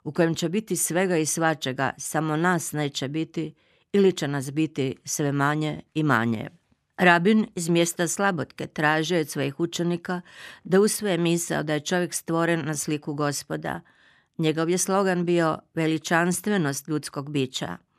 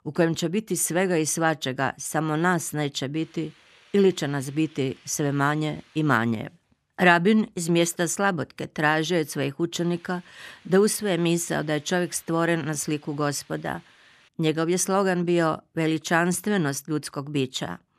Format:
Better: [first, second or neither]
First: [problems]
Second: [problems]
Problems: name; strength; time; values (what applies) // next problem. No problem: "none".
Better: first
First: none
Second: hiss; faint; from 3 to 6 s and from 9.5 to 14 s; 30 dB below the speech